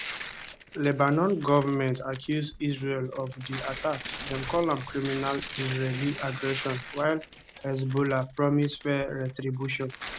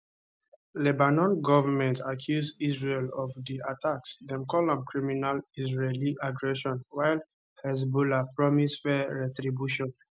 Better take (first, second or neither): second